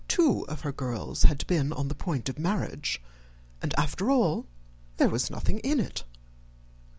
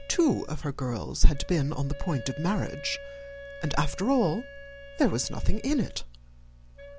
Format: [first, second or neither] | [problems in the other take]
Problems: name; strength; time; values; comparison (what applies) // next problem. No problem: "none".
first | background sound (Wind instrument, woodwind instrument); 20 dB below the speech